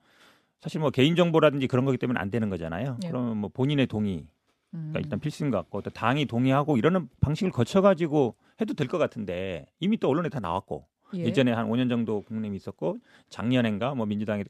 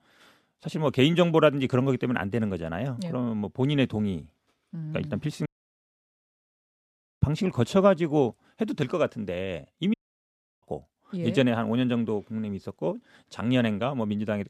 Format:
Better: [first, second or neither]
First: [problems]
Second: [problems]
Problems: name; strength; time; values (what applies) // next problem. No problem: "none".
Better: first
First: none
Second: audio cutting out; at 5.5 s for 2 s and at 10 s for 0.5 s